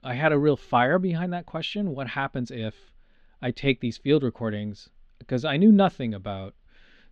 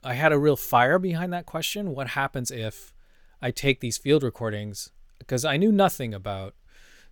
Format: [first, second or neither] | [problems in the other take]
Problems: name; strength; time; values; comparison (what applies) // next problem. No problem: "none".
second | muffled; slightly; fading above 4 kHz